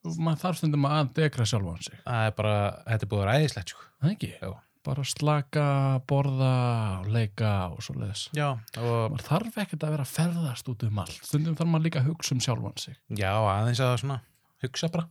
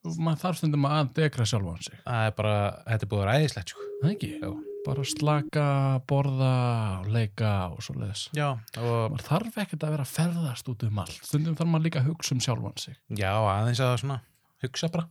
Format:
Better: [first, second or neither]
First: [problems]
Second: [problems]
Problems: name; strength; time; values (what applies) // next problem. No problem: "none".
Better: first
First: none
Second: siren; noticeable; from 4 to 5.5 s; peak 10 dB below the speech